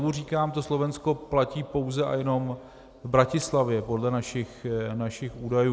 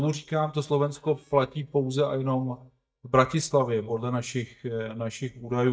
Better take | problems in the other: first | noise reduction (neural mask model DeepFilterNet 3)

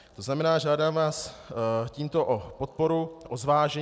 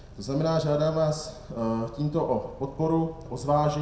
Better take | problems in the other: first | background sound (Idling / Accelerating, revving, vroom / Car); 19 dB below the speech // room echo; dies away in 0.5 s

